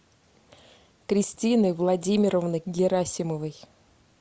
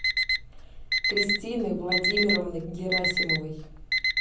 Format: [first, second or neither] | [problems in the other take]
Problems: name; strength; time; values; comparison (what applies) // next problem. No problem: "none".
first | background sound (Alarm); 4 dB above the speech // room echo; dies away in 0.6 s